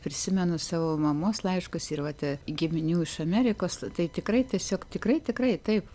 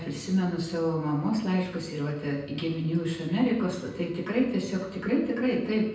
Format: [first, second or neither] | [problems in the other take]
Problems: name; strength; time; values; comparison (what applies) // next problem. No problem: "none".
first | room echo; dies away in 0.9 s